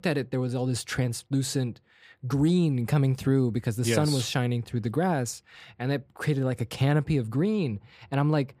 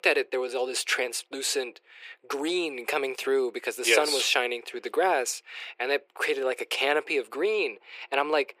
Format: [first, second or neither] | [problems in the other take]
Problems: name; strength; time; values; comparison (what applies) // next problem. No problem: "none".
first | thin; very; fading below 400 Hz